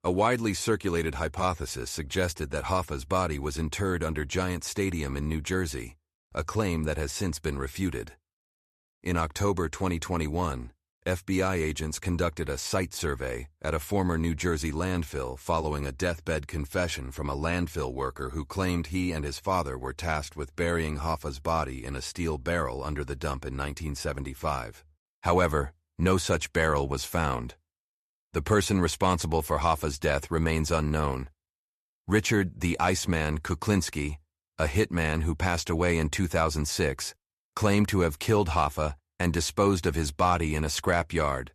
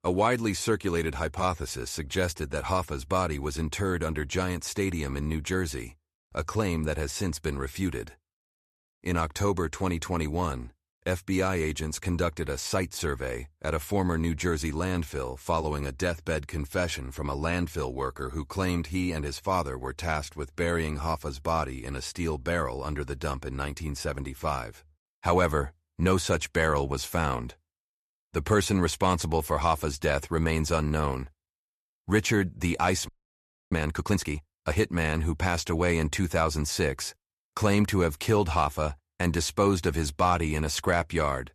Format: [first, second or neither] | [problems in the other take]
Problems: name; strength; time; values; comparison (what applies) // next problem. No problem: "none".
first | audio freezing; at 33 s for 0.5 s